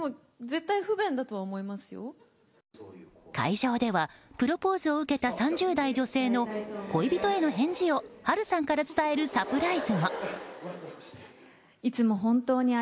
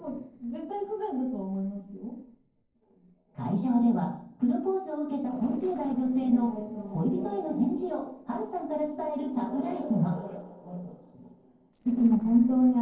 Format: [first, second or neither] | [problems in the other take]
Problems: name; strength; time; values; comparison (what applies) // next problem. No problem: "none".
first | noise reduction (neural separator model SepFormer DNS4)